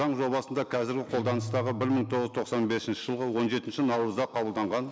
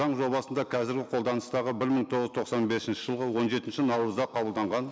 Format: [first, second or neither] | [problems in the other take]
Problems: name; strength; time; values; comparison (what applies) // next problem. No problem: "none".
second | background sound (Guitar); 11 dB below the speech